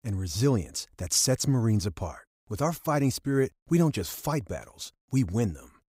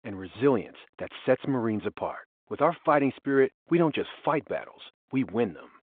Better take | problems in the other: first | phone-call audio; nothing above 3.5 kHz

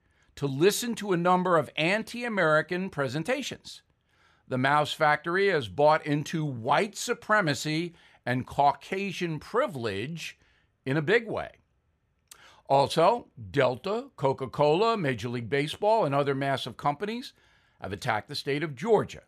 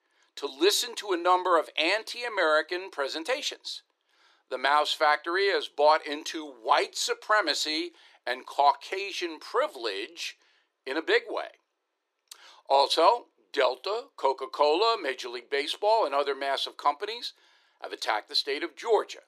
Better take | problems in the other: first | thin; very; fading below 350 Hz

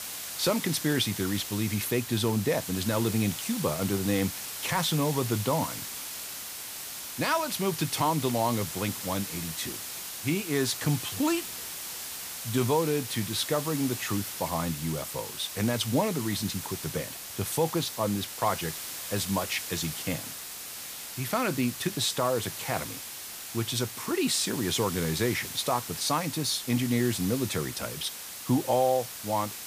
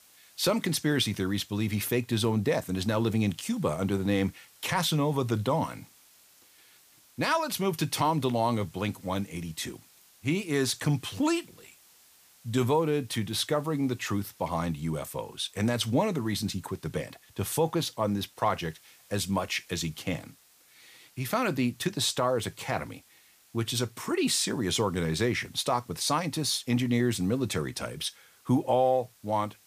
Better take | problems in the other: second | hiss; loud; throughout; 6 dB below the speech; faint in the second

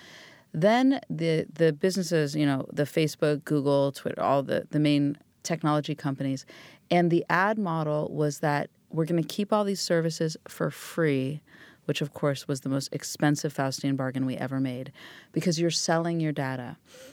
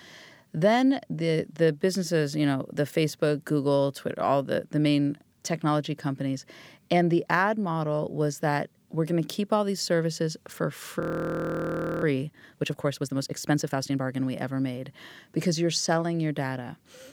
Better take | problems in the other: first | audio freezing; at 11 s for 1 s

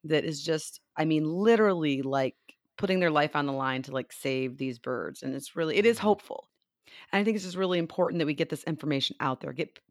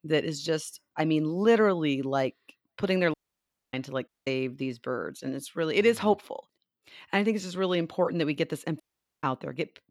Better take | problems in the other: first | audio cutting out; at 3 s for 0.5 s, at 4 s and at 9 s

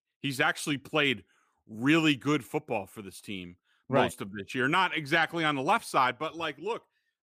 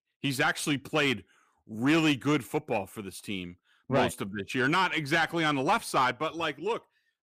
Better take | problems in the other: first | distortion; slight; 10 dB below the speech

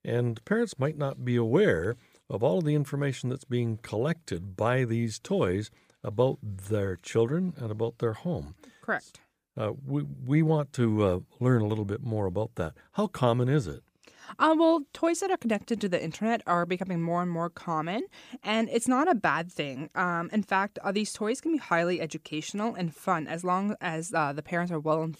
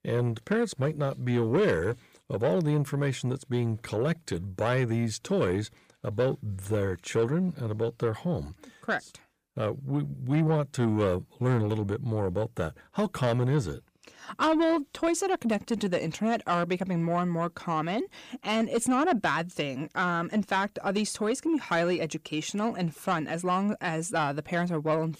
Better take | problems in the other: first | distortion; slight; 10 dB below the speech

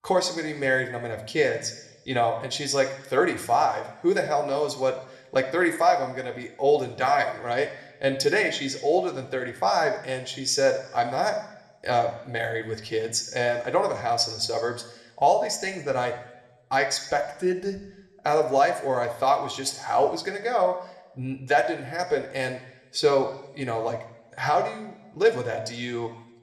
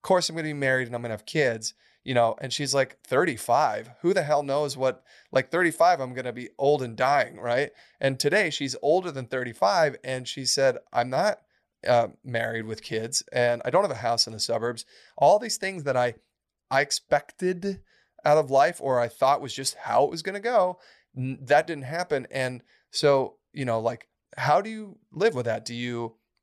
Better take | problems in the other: second | room echo; very slight; dies away in 0.8 s

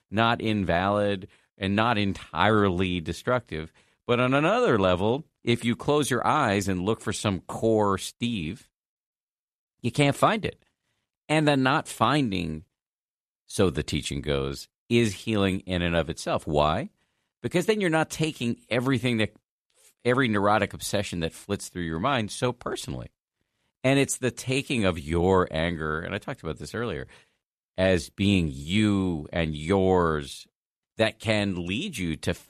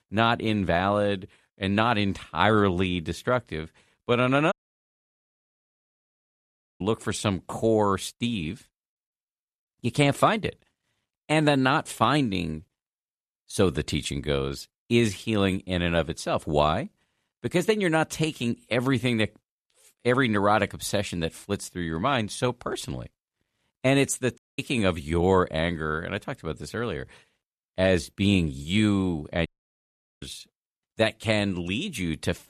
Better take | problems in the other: first | audio cutting out; at 4.5 s for 2.5 s, at 24 s and at 29 s for 1 s

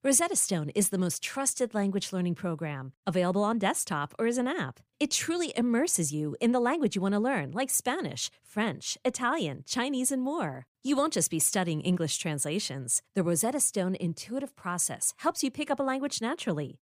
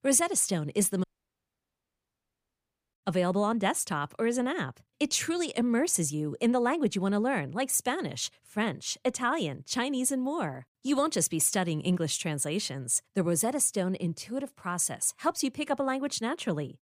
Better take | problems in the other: first | audio cutting out; at 1 s for 2 s

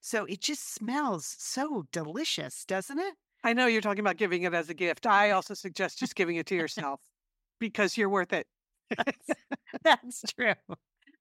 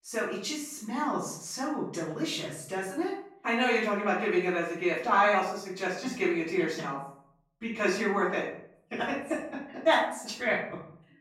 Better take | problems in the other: first | off-mic speech; far // room echo; noticeable; dies away in 0.5 s

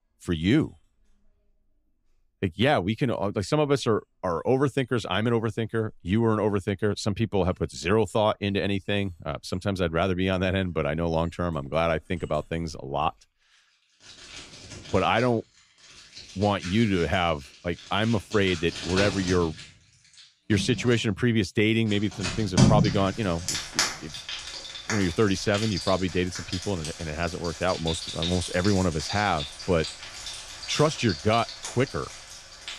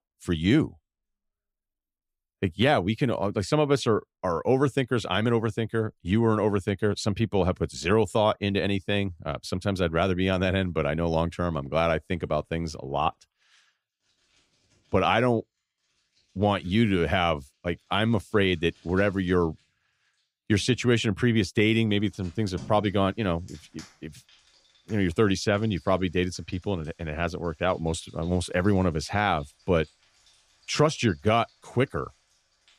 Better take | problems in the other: second | household noises; loud; throughout; 6 dB below the speech; faint in the second

